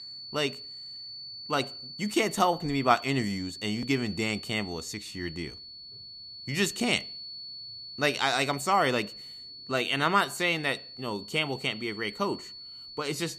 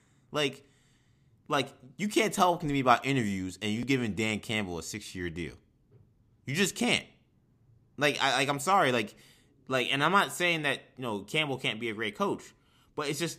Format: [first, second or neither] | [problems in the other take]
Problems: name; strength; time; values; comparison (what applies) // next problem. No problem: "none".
second | high-pitched whine; noticeable; throughout; 4.5 kHz, 10 dB below the speech